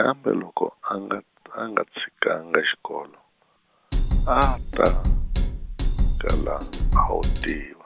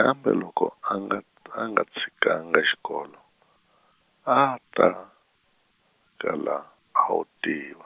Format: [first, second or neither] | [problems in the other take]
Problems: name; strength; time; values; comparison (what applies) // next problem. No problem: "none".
second | background sound (Drum kit); 5 dB above the speech